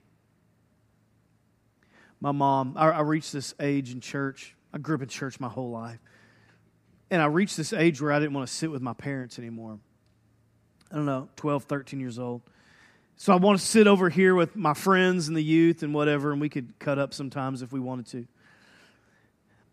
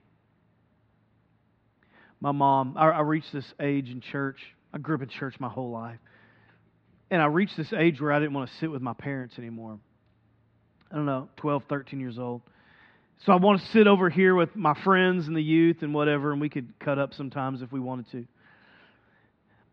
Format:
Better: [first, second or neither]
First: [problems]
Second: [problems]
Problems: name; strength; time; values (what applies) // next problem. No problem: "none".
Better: first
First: none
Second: muffled; slightly; fading above 3.5 kHz